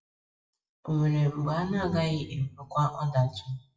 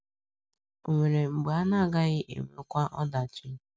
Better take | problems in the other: second | noise reduction (classical method WPE with log-MMSE)

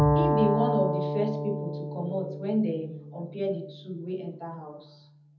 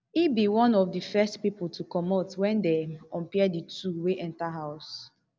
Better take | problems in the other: second | background sound (Bowed string instrument); 1 dB above the speech // room echo; dies away in 0.6 s

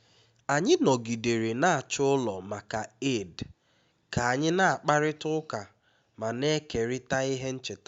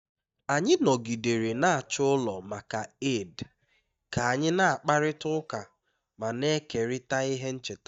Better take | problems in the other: first | noise reduction (neural mask model DeepFilterNet 3)

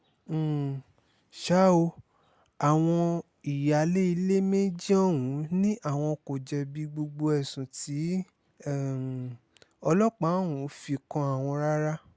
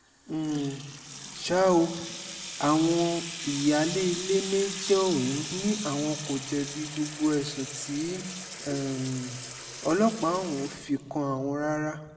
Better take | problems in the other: first | background sound (Sink (filling or washing) / Water tap, faucet); 10 dB below the speech // room echo; dies away in 1 s

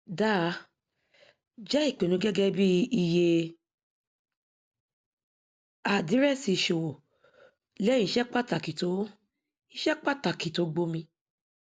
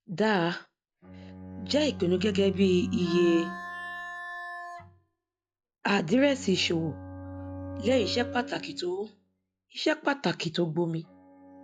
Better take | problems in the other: first | noise reduction (classical method log-MMSE)

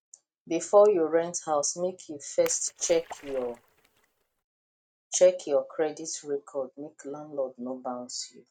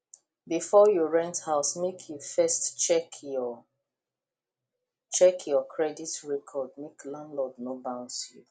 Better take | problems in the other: second | noise reduction (neural mask model RNNoise)

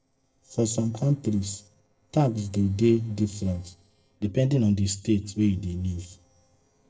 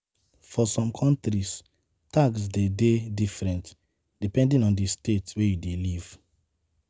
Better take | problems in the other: second | noise reduction (neural separator model SepFormer DNS4)

